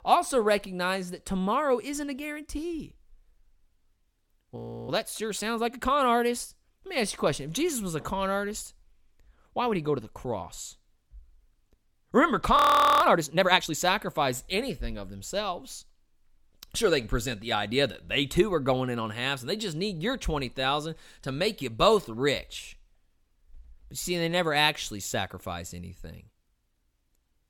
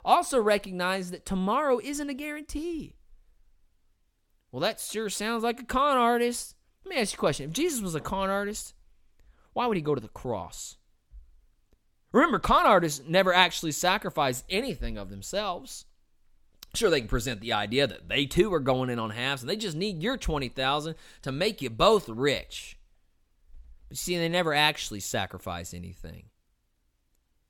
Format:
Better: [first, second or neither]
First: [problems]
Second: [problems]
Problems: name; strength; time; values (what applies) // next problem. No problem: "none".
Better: second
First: audio freezing; at 4.5 s and at 13 s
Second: none